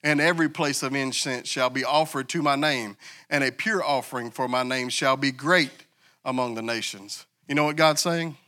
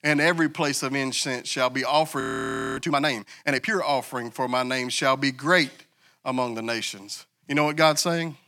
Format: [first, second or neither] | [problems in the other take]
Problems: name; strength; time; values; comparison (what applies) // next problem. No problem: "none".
first | audio freezing; at 2 s for 0.5 s